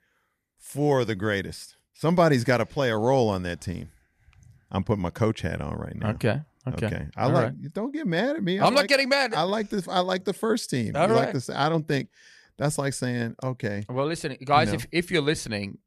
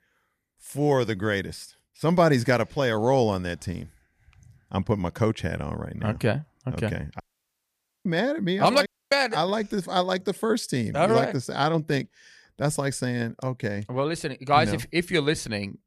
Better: first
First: none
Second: audio cutting out; at 7 s for 1 s and at 9 s

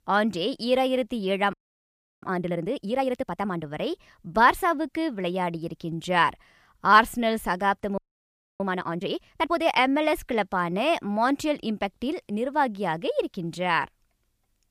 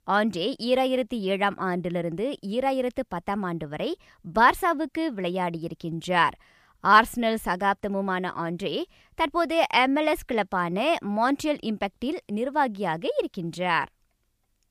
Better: second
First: audio freezing; at 1.5 s for 0.5 s and at 8 s for 0.5 s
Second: none

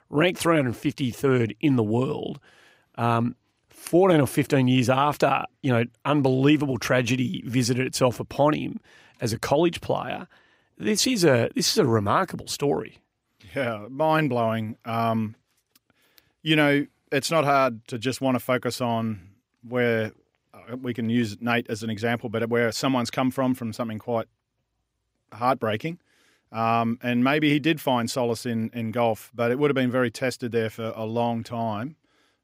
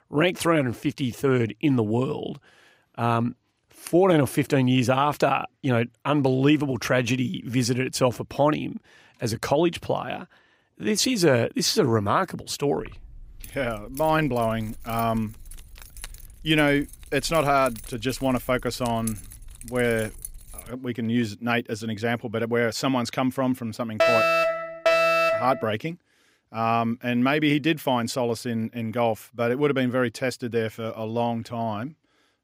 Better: first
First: none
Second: jangling keys; faint; from 13 to 21 s; peak 10 dB below the speech // alarm; loud; from 24 to 26 s; peak 6 dB above the speech

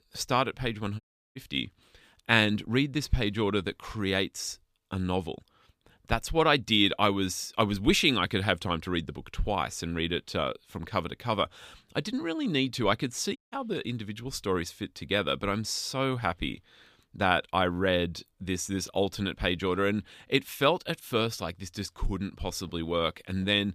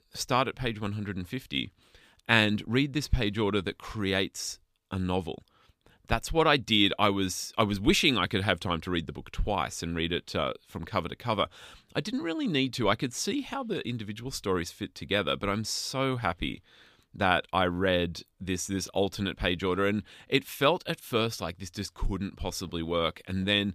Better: second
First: audio cutting out; at 1 s and at 13 s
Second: none

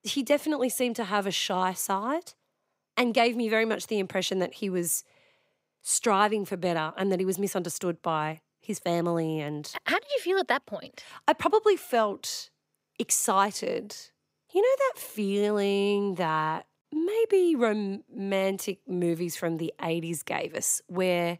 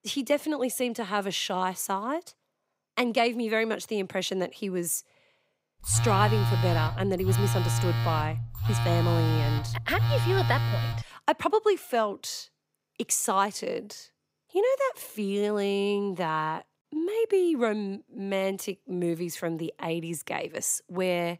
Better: first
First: none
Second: phone ringing; loud; from 6 to 11 s; peak 3 dB above the speech

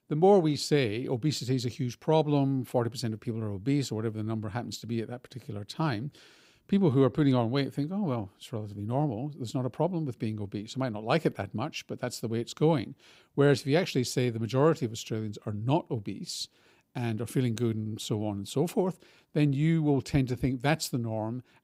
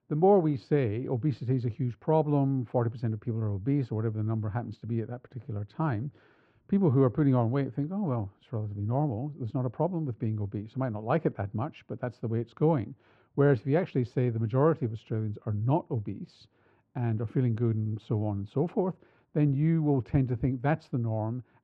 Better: first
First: none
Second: muffled; very; fading above 1.5 kHz

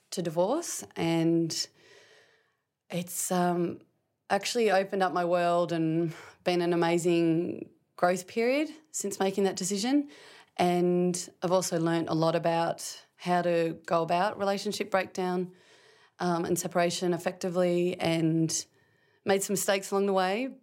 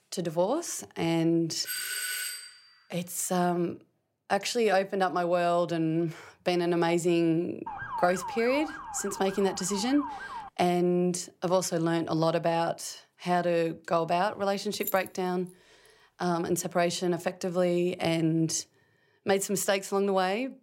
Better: first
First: none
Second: doorbell; noticeable; at 1.5 s; peak 2 dB below the speech // siren; noticeable; from 7.5 to 10 s; peak 7 dB below the speech // jangling keys; noticeable; at 15 s; peak 8 dB below the speech

